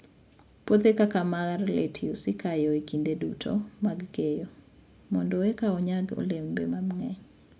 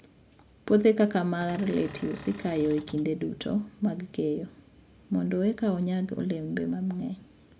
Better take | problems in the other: first | background sound (Cupboard open or close / Door); 16 dB below the speech

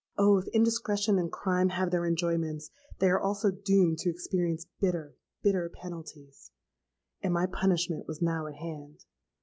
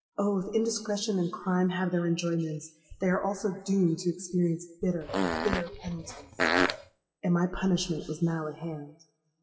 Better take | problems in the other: first | noise reduction (classical method WPE with log-MMSE)

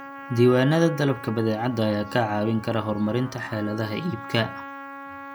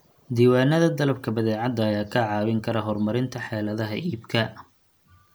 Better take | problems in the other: second | background sound (Trumpet); 14 dB below the speech

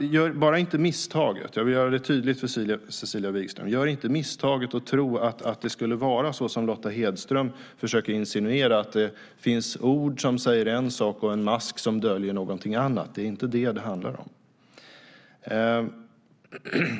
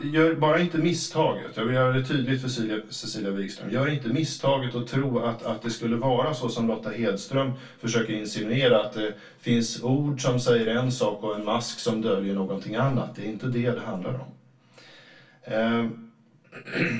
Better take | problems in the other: first | room echo; dies away in 0.2 s

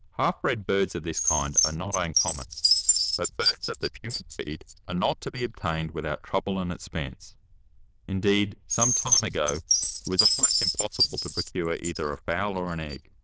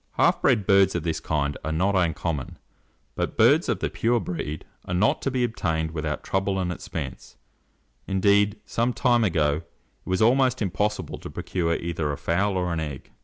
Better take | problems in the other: second | noise reduction (neural diffusion model UNIVERSE++)

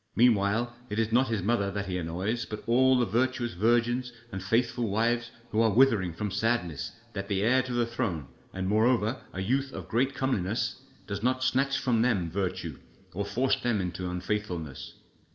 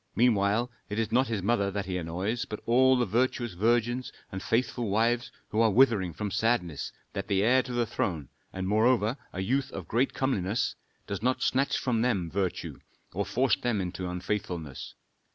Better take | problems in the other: second | room echo; dies away in 2 s

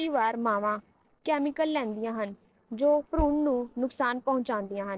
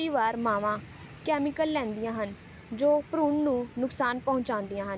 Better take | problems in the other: second | noise reduction (neural separator model SepFormer DNS4)

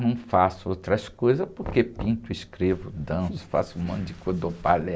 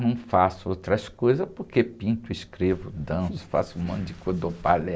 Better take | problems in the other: second | background sound (Knock); 16 dB below the speech

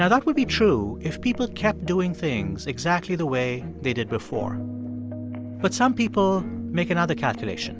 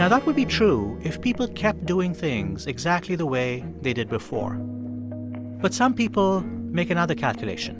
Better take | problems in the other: first | background sound (Strum); 18 dB below the speech

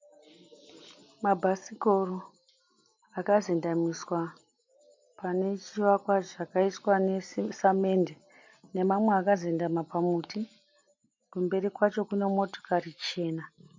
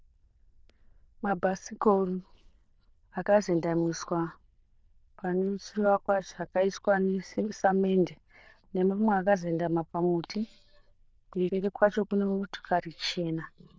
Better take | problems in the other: first | noise reduction (neural diffusion model UNIVERSE++)

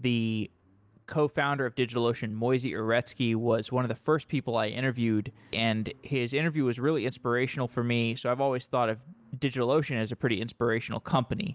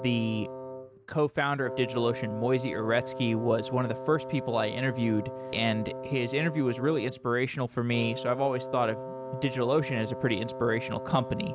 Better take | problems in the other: first | background sound (Wind instrument, woodwind instrument); 10 dB below the speech

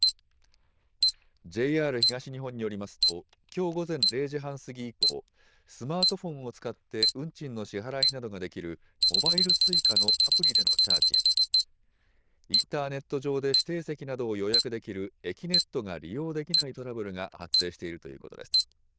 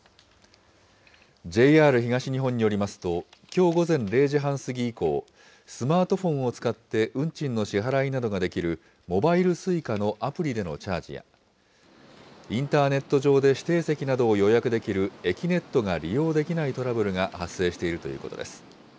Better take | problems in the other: second | noise reduction (neural diffusion model UNIVERSE++)

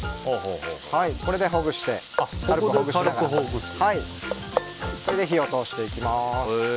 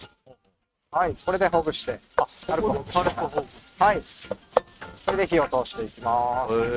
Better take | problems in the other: first | noise reduction (neural mask model RNNoise)

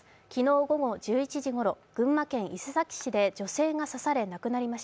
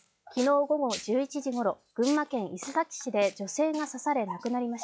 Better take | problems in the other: first | noise reduction (classical method log-MMSE)

